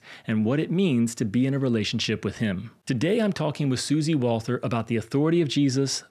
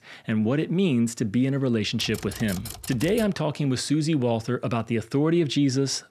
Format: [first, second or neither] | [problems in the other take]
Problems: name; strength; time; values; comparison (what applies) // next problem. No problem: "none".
first | keyboard typing; faint; from 2 to 3.5 s; peak 10 dB below the speech